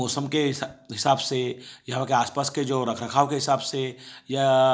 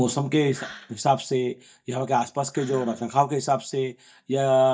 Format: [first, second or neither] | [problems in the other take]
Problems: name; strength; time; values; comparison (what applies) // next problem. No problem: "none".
first | noise reduction (neural mask model DeepFilterNet 3)